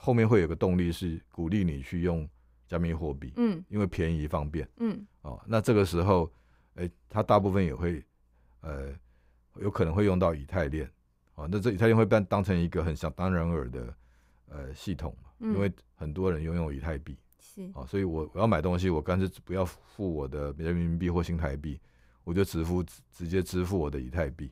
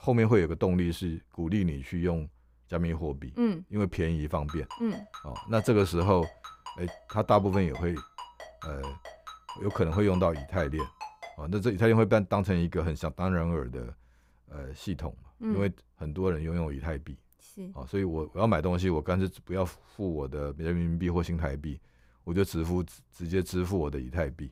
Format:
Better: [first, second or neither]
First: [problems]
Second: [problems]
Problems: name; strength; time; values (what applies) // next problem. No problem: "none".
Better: first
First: none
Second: phone ringing; faint; from 4.5 to 11 s; peak 10 dB below the speech